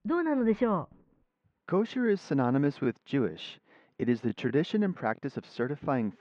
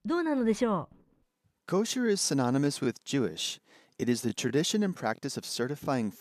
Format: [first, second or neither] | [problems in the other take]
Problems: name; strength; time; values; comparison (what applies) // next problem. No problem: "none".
second | muffled; very; fading above 2.5 kHz